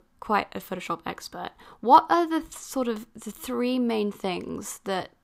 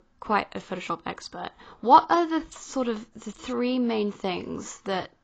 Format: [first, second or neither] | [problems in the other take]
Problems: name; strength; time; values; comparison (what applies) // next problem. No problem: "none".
first | garbled, watery; badly; nothing above 7.5 kHz